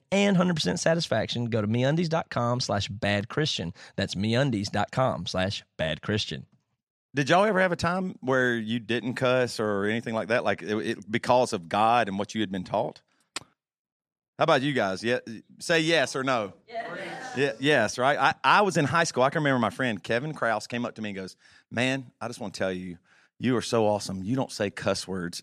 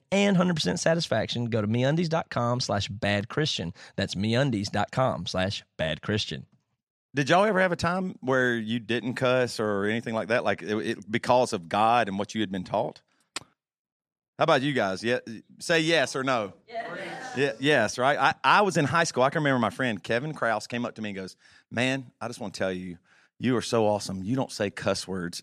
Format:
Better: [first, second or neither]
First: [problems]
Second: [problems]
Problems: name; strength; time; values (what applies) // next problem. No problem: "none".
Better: neither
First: none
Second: none